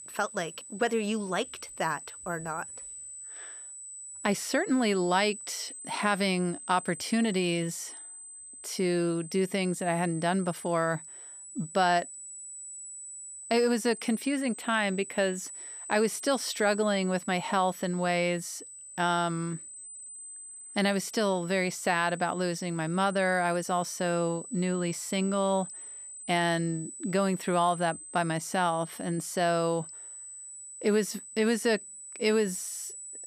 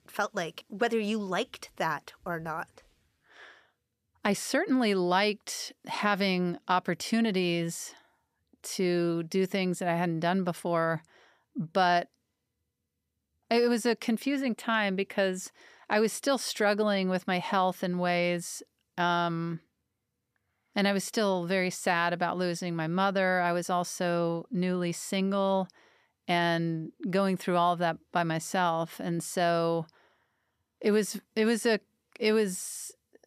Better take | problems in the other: second | high-pitched whine; noticeable; throughout; 8 kHz, 10 dB below the speech

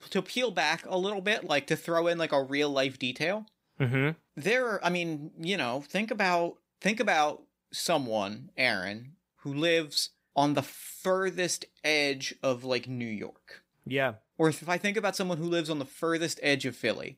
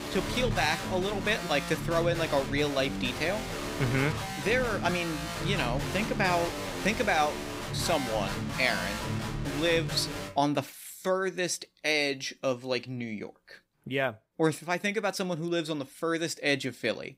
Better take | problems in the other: first | background music; loud; throughout; 5 dB below the speech

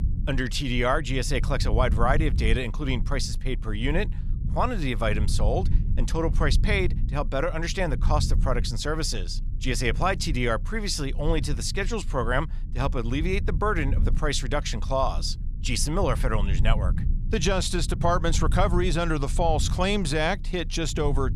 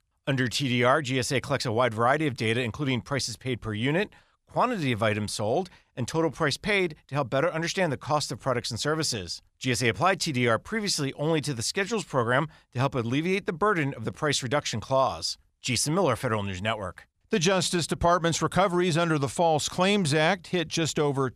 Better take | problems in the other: second | low rumble; noticeable; throughout; 20 dB below the speech

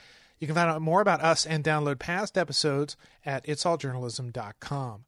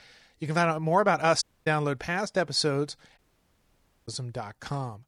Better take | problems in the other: first | audio cutting out; at 1.5 s and at 3 s for 1 s

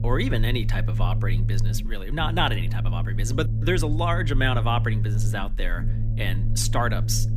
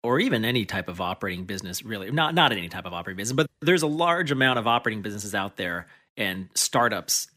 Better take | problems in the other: second | low rumble; noticeable; throughout; 10 dB below the speech

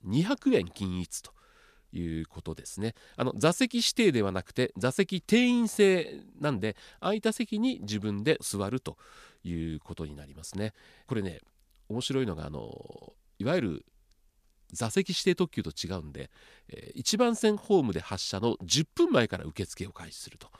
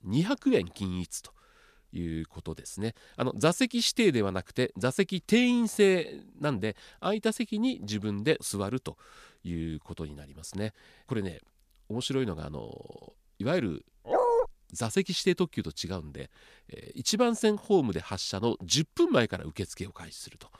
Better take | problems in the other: first | dog barking; loud; at 14 s; peak 4 dB above the speech

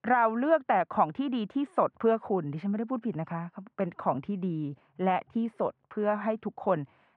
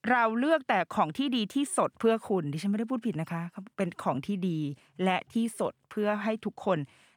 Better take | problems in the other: second | muffled; very; fading above 2 kHz

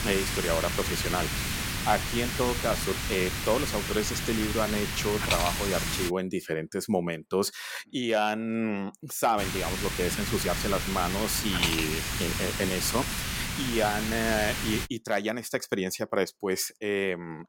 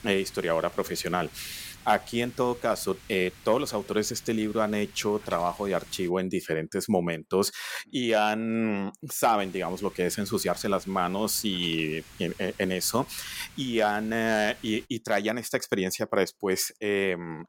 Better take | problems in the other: second | hiss; loud; until 6 s and from 9.5 to 15 s; 1 dB below the speech; faint in the second

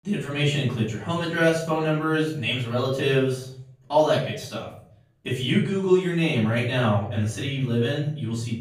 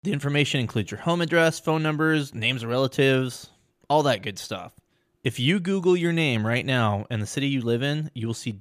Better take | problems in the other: second | room echo; noticeable; dies away in 0.6 s // off-mic speech; far

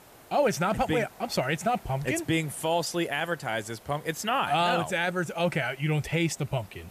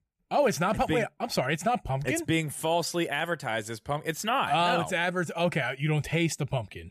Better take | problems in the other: second | hiss; faint; throughout; 25 dB below the speech

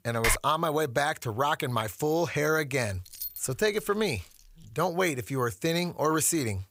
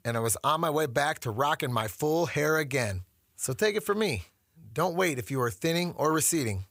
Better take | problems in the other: second | keyboard typing; noticeable; at the start; peak 1 dB below the speech // jangling keys; noticeable; from 3 to 4.5 s; peak 9 dB below the speech

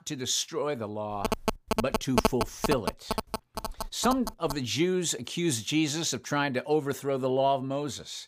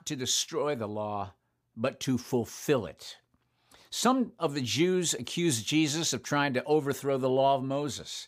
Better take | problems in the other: second | phone ringing; loud; from 1 to 4.5 s; peak 2 dB above the speech

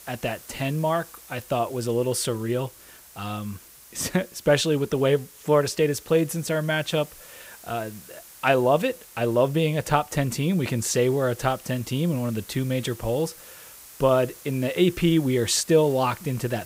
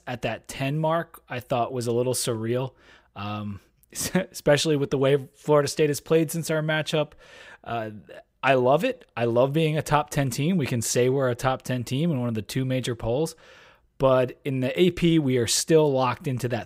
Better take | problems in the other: second | hiss; noticeable; throughout; 20 dB below the speech

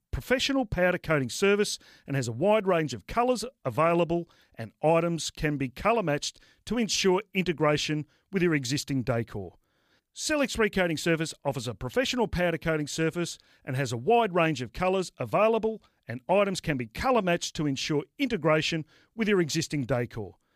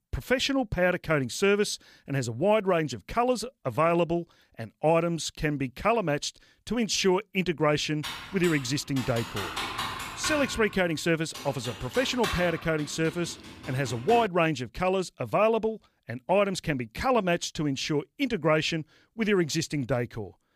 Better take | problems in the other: first | keyboard typing; noticeable; from 8 to 14 s; peak 4 dB below the speech

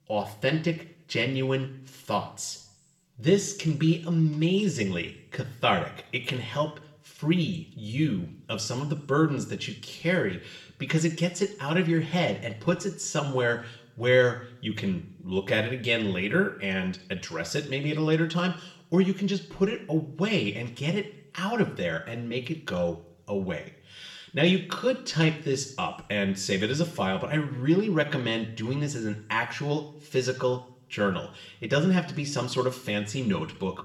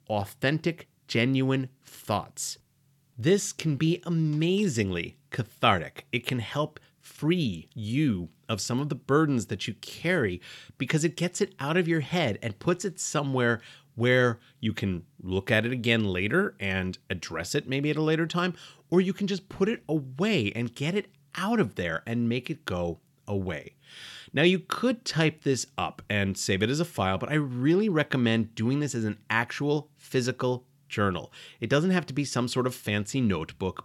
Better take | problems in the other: second | room echo; slight; dies away in 0.5 s // off-mic speech; somewhat distant

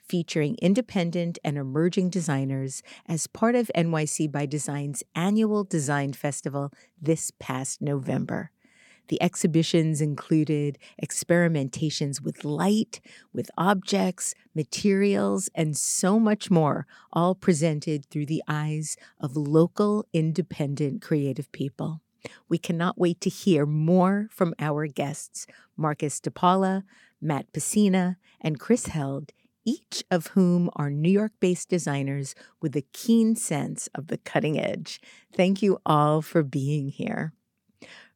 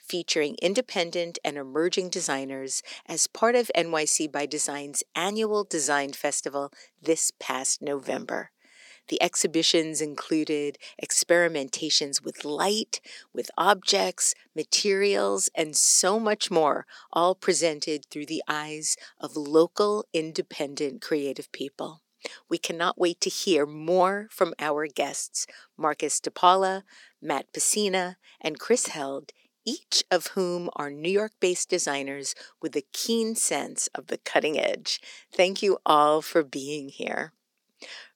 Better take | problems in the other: first | thin; somewhat; fading below 350 Hz

